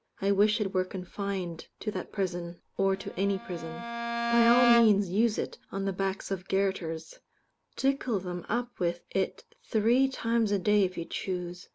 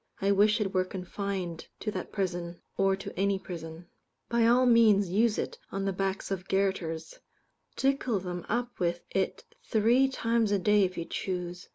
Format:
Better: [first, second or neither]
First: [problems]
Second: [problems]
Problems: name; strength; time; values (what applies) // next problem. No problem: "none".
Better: second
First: background sound (Bowed string instrument); 4 dB below the speech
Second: none